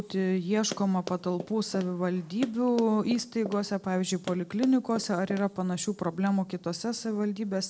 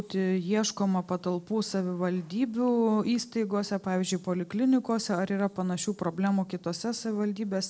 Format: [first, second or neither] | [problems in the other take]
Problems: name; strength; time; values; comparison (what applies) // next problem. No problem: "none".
second | background sound (Run); 14 dB below the speech